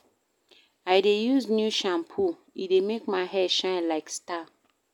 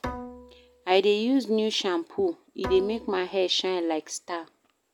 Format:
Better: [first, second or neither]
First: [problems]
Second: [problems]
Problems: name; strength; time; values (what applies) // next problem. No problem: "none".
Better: first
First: none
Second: background sound (Bowed string instrument); 15 dB below the speech